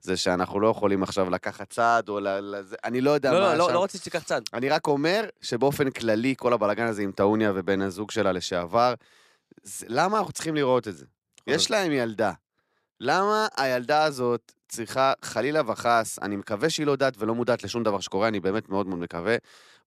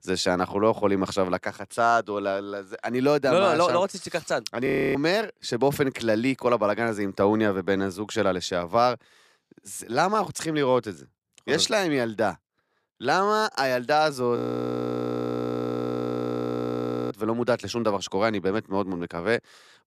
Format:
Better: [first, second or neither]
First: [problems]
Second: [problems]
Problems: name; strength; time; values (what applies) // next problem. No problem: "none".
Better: first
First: none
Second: audio freezing; at 4.5 s and at 14 s for 2.5 s